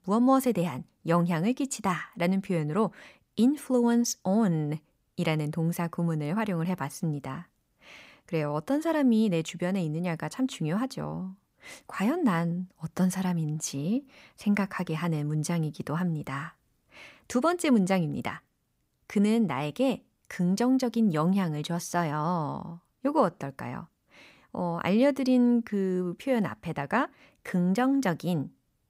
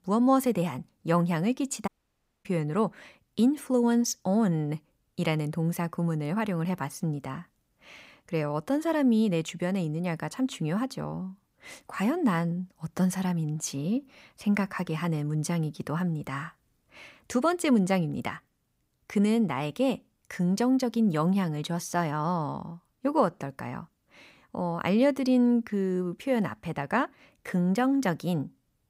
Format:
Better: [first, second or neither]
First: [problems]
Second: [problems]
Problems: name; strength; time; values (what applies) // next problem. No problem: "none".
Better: first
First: none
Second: audio cutting out; at 2 s for 0.5 s